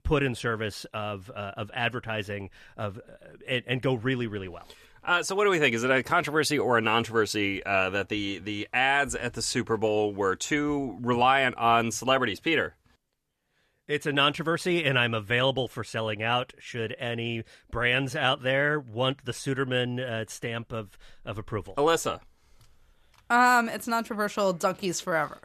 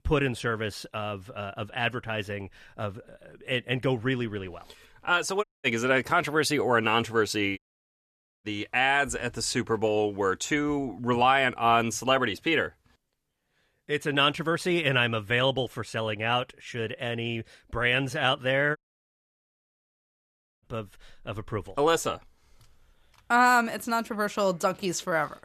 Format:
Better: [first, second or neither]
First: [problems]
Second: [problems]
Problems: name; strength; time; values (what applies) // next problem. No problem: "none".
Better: first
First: none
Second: audio cutting out; at 5.5 s, at 7.5 s for 1 s and at 19 s for 2 s